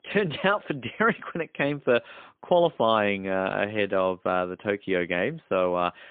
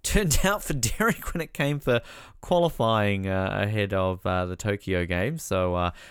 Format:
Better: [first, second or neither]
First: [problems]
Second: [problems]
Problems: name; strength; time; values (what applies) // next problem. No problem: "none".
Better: second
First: phone-call audio; poor line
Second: none